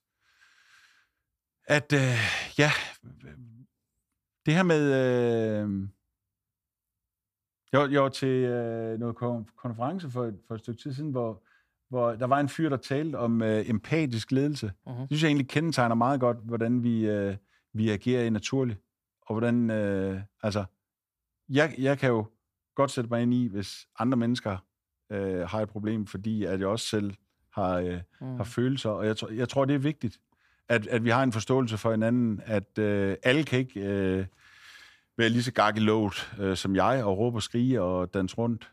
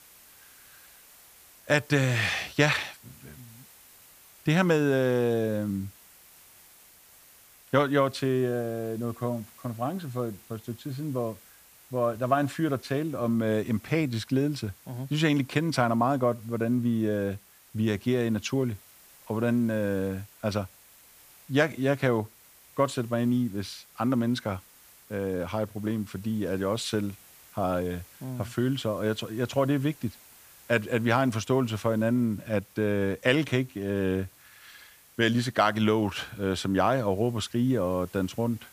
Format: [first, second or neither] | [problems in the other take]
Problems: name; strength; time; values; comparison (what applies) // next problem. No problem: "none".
first | hiss; faint; throughout; 25 dB below the speech